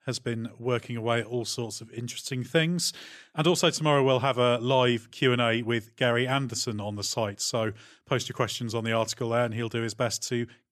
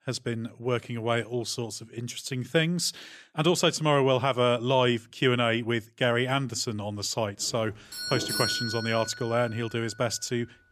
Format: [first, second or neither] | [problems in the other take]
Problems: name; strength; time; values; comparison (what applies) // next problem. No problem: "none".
first | doorbell; loud; from 7.5 to 9.5 s; peak level with the speech